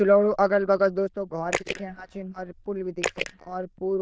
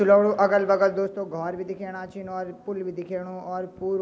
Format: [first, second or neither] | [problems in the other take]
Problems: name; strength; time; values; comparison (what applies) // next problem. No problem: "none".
second | noise reduction (neural diffusion model UNIVERSE++)